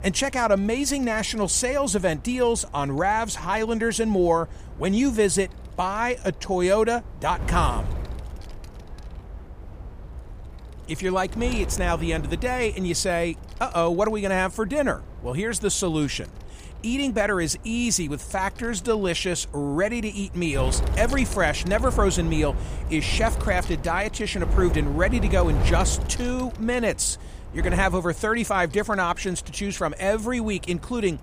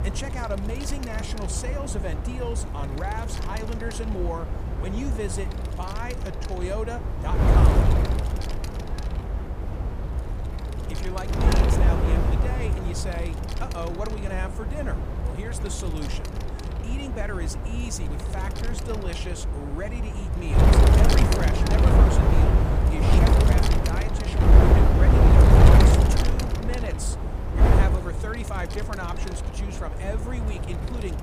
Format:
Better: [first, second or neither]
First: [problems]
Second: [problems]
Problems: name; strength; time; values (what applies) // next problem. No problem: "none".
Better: first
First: wind noise on the microphone; occasional gusts; 15 dB below the speech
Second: wind noise on the microphone; heavy; 3 dB above the speech